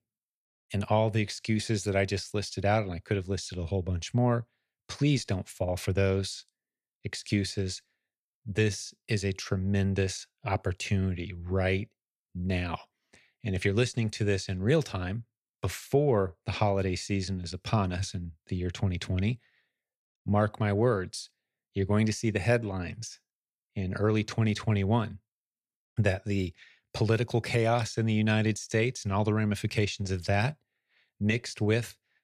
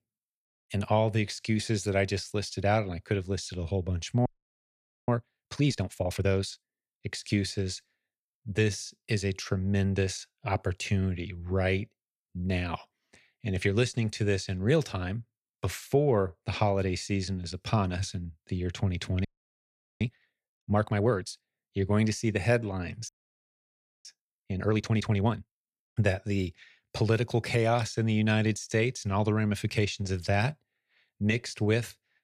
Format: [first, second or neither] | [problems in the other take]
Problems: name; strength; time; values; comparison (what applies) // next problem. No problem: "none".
first | audio freezing; at 4.5 s for 1 s, at 19 s for 1 s and at 23 s for 1 s